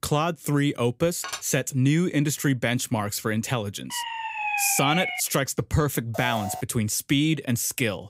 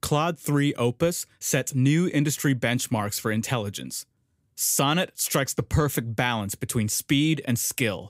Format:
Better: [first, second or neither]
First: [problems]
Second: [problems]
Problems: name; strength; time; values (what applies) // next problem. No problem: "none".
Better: second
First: clattering dishes; noticeable; at 1 s; peak 10 dB below the speech // siren; noticeable; from 4 to 5 s; peak 1 dB below the speech // alarm; noticeable; at 6 s; peak 8 dB below the speech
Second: none